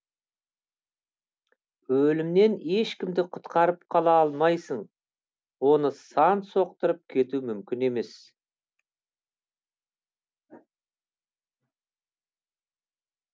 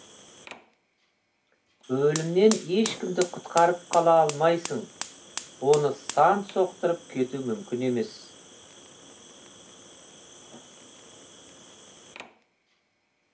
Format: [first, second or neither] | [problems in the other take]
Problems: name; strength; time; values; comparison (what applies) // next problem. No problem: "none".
first | background sound (Fire); 15 dB below the speech // room echo; dies away in 0.2 s